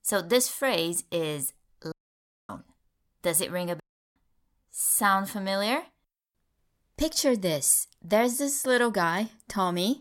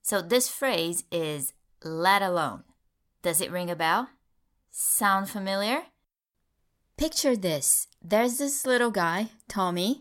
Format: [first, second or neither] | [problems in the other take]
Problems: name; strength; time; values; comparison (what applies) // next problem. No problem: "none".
second | audio cutting out; at 2 s for 0.5 s and at 4 s